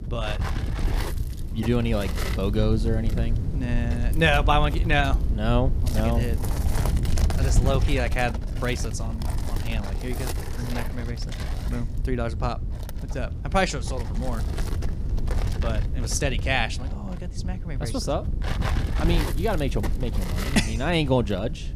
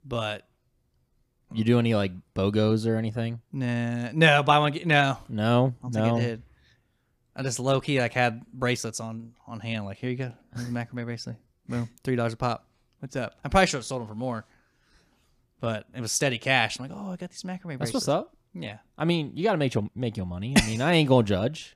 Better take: second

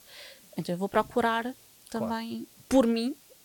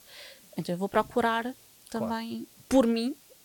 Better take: neither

